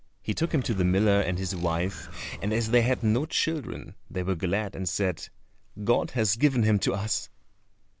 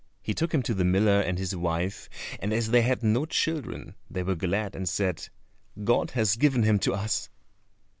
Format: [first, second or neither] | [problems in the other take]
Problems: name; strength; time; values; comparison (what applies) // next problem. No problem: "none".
second | background sound (Bird); 14 dB below the speech